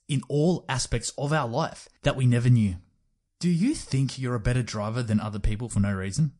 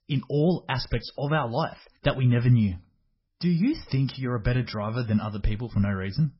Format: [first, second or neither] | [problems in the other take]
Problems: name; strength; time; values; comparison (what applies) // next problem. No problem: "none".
first | garbled, watery; badly; nothing above 5.5 kHz; slightly in the first